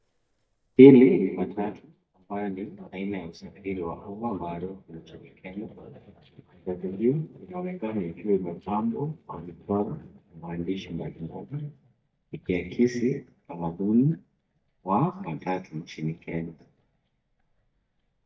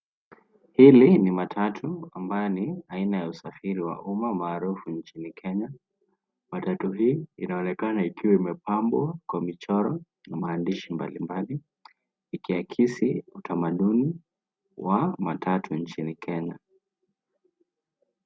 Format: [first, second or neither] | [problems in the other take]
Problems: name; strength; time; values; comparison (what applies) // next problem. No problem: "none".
second | noise reduction (neural mask model DeepFilterNet 3)